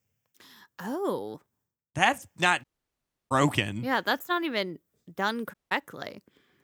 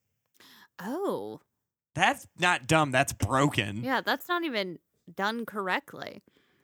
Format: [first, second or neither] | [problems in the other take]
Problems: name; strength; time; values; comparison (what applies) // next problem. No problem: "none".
second | audio cutting out; at 2.5 s for 0.5 s and at 5.5 s